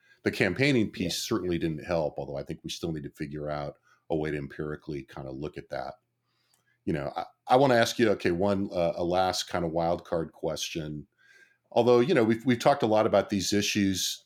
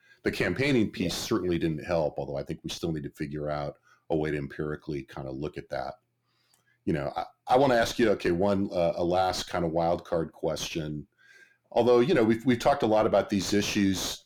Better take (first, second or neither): first